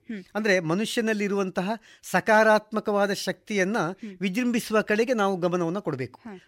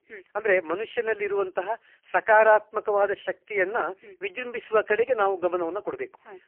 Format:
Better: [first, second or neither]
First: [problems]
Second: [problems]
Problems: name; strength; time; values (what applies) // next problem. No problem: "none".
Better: first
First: none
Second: phone-call audio; poor line; nothing above 3 kHz